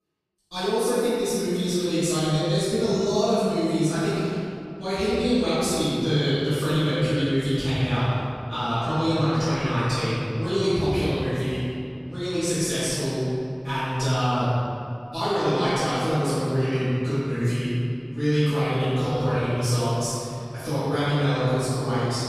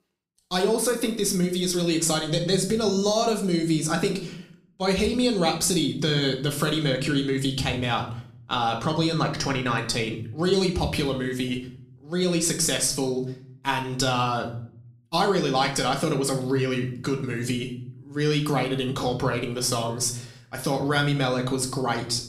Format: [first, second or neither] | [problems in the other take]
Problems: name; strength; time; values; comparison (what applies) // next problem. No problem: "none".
second | room echo; strong; dies away in 2.5 s; slight in the second // off-mic speech; far; somewhat distant in the second